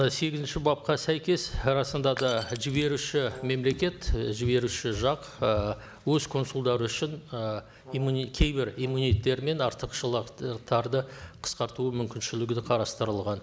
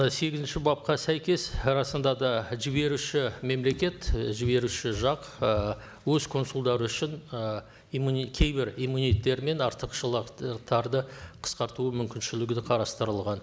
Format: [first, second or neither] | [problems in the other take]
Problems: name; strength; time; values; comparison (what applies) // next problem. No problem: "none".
second | background sound (Brass instrument + Shatter / Crushing); 18 dB below the speech